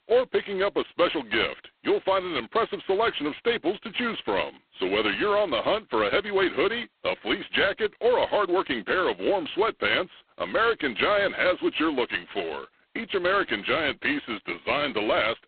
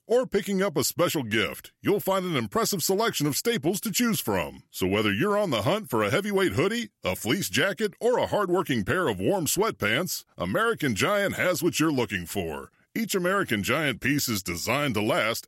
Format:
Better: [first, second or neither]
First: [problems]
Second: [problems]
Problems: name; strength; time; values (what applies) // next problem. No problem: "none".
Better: second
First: phone-call audio; poor line; nothing above 3.5 kHz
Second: none